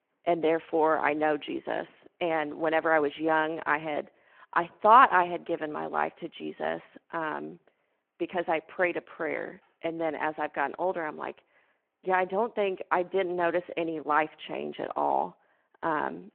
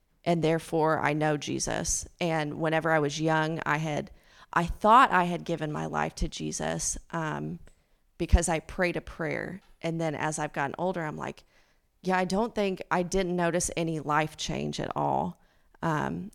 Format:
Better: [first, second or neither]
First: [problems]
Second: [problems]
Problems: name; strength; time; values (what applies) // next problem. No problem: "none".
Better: second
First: phone-call audio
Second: none